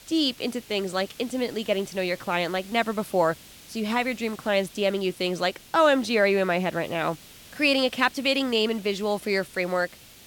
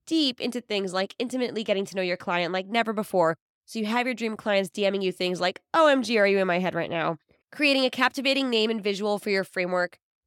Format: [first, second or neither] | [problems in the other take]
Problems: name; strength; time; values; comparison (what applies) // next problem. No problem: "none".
second | hiss; faint; throughout; 20 dB below the speech